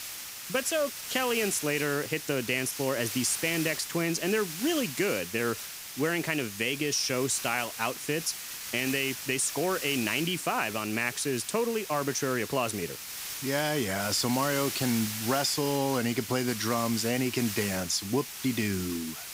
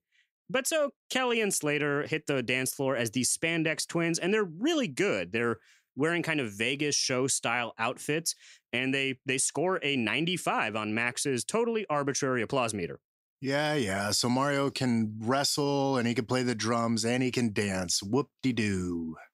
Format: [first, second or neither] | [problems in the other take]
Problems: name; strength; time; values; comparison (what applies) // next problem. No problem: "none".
second | hiss; loud; throughout; 7 dB below the speech